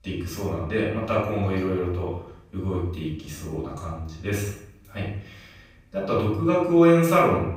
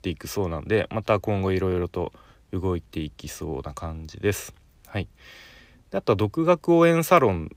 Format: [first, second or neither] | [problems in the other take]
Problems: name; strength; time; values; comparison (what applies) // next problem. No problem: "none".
second | off-mic speech; far // room echo; noticeable; dies away in 0.6 s